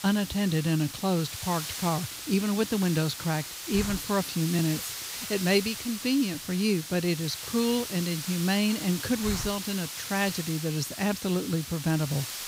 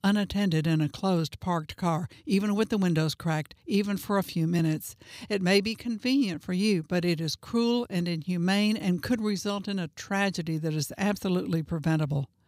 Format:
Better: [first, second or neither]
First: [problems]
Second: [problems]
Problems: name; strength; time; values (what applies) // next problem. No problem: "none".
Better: second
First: hiss; loud; throughout; 7 dB below the speech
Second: none